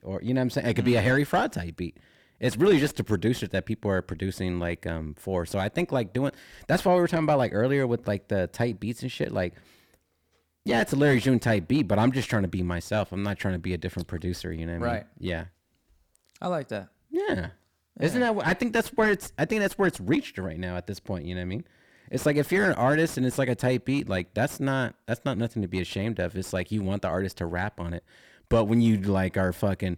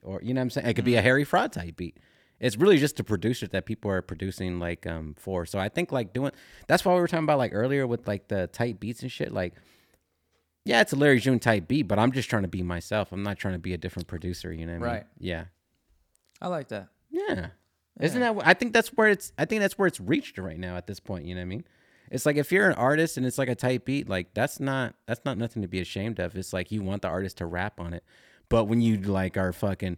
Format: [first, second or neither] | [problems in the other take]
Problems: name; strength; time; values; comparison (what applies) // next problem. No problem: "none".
second | distortion; slight; 10 dB below the speech